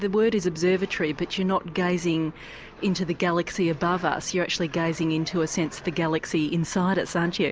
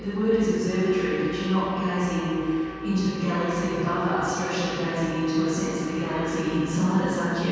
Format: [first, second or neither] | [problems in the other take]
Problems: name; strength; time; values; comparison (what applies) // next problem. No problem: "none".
first | background sound (Trumpet); 17 dB below the speech // room echo; dies away in 2.1 s